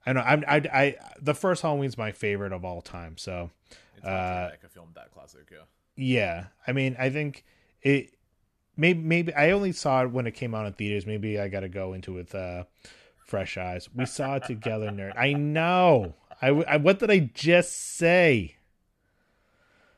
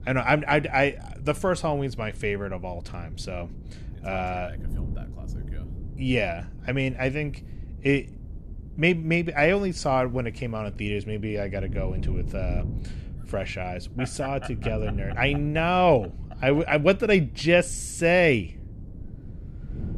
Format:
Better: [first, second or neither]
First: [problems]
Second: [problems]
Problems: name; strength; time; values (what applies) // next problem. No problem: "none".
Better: first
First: none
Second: wind noise on the microphone; occasional gusts; 25 dB below the speech